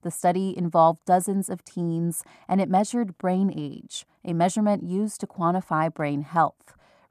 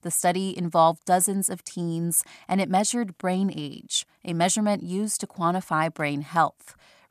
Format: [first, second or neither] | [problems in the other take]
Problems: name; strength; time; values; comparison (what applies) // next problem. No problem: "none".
second | muffled; slightly; fading above 1.5 kHz